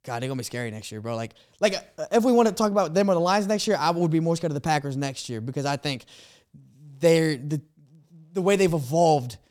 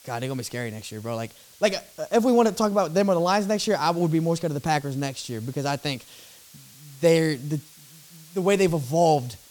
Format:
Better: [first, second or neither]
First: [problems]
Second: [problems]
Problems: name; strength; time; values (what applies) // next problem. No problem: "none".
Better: first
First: none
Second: hiss; faint; throughout; 25 dB below the speech